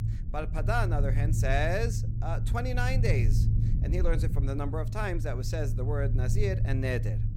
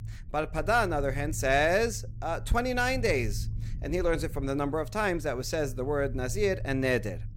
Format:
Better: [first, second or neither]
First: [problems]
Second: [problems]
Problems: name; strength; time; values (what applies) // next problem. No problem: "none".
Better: second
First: low rumble; loud; throughout; 9 dB below the speech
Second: low rumble; faint; throughout; 25 dB below the speech